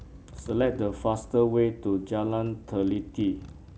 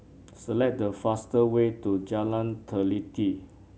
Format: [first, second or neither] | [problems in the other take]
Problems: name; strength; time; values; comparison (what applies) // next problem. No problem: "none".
second | background sound (Motorcycle); 18 dB below the speech